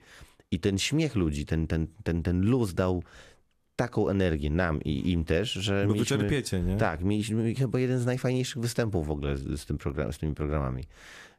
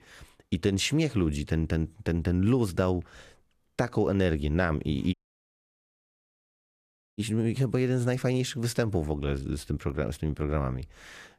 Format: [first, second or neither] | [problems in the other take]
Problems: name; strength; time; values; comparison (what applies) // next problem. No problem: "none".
first | audio cutting out; at 5 s for 2 s